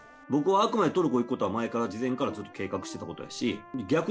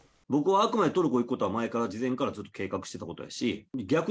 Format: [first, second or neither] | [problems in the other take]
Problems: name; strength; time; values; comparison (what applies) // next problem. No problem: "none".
second | background sound (Trumpet + Dog); 19 dB below the speech